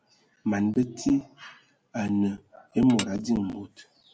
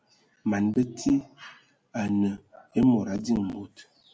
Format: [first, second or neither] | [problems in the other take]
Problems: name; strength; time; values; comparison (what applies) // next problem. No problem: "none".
second | background sound (Tap / Dishes, pots, and pans); 8 dB below the speech